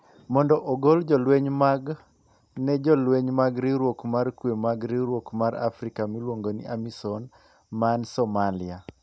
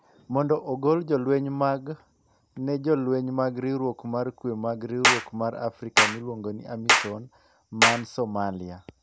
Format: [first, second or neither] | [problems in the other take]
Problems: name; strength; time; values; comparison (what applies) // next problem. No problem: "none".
first | background sound (Clapping); 2 dB above the speech